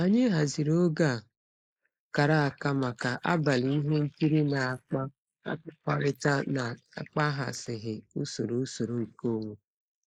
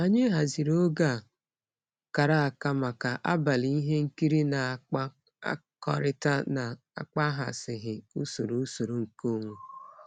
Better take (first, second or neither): second